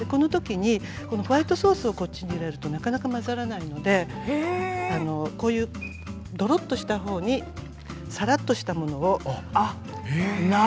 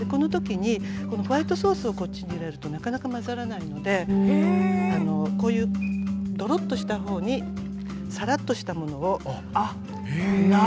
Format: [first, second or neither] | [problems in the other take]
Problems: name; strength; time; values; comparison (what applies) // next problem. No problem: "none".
first | background sound (Bass guitar); as loud as the speech